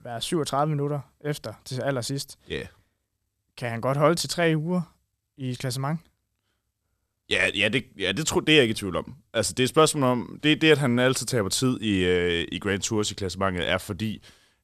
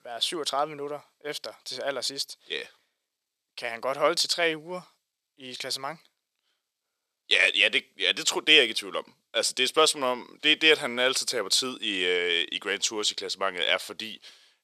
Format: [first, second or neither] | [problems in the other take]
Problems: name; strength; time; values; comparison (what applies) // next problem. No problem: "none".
first | thin; somewhat; fading below 500 Hz